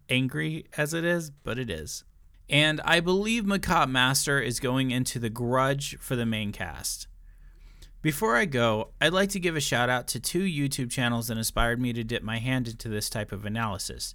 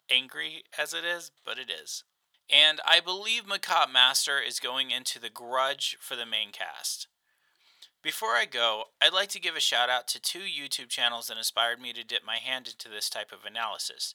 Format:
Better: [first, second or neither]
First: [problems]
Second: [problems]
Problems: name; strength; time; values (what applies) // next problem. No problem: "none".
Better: first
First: none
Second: thin; very; fading below 800 Hz